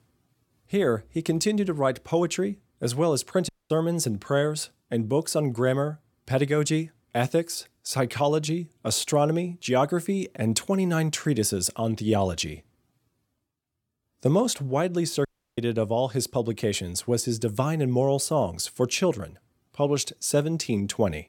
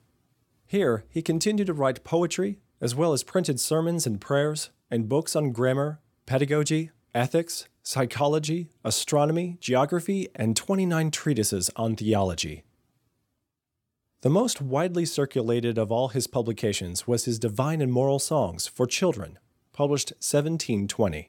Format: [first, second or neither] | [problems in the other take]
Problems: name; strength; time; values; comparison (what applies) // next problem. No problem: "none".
second | audio cutting out; at 3.5 s and at 15 s